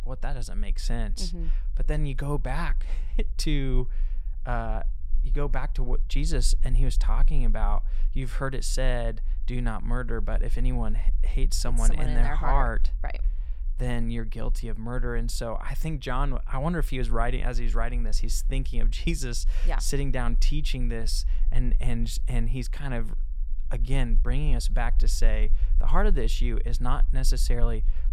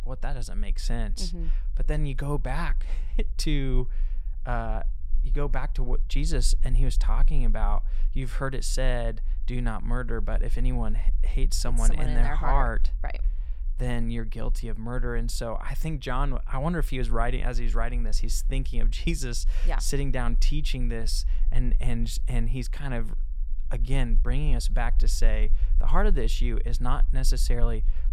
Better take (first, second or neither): neither